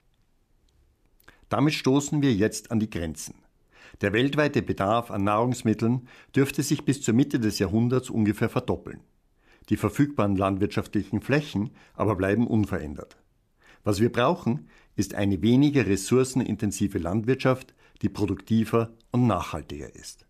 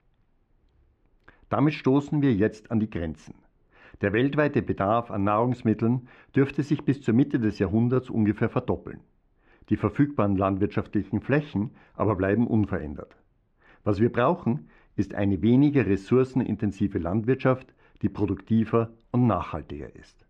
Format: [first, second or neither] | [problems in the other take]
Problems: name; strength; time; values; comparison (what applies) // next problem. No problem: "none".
first | muffled; very; fading above 2 kHz